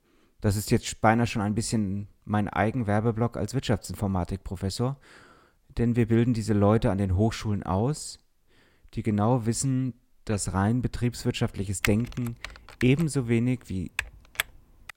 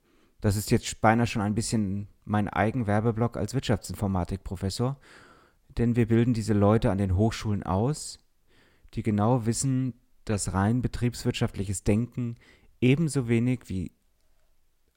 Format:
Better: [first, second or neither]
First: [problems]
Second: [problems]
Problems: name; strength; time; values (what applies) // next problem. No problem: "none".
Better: second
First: keyboard typing; noticeable; from 12 s on; peak 5 dB below the speech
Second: none